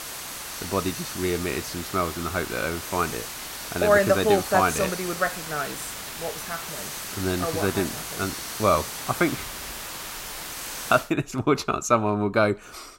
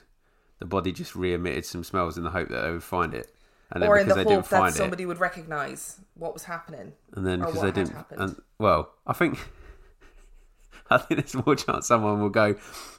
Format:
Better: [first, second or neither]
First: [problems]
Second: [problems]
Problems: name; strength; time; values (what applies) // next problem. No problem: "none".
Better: second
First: hiss; loud; until 11 s; 8 dB below the speech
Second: none